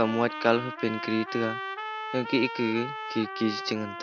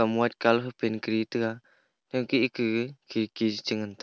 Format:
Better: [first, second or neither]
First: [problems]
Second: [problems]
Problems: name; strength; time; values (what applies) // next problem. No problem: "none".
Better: second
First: background sound (Trumpet); 7 dB below the speech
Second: none